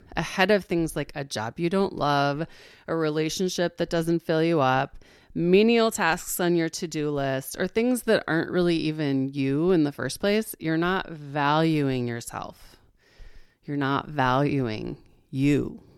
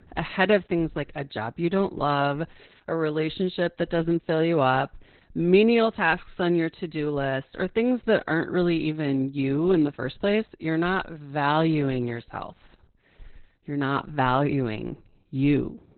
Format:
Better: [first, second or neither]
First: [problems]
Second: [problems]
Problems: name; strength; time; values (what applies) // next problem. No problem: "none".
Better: first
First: none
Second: garbled, watery; badly; nothing above 4 kHz